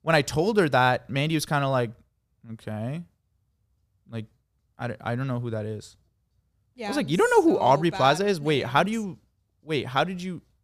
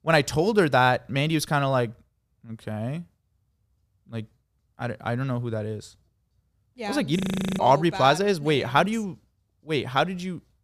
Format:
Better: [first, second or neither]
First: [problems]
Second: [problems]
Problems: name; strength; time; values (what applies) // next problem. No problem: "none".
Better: first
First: none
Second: audio freezing; at 7 s